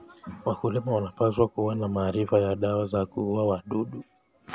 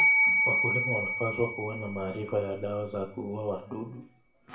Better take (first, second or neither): first